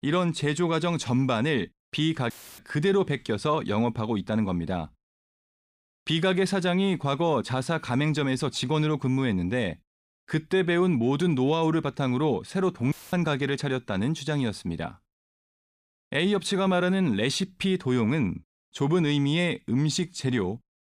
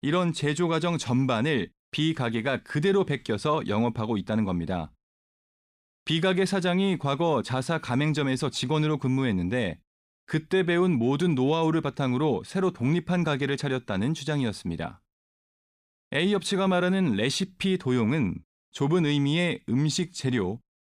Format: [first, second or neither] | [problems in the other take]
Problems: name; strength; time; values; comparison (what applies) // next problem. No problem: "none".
second | audio cutting out; filled with static; at 2.5 s and at 13 s